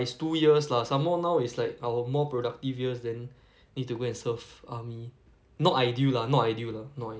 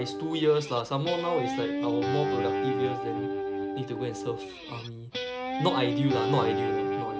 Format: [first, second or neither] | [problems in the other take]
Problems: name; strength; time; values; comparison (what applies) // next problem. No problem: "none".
first | background sound (Guitar); as loud as the speech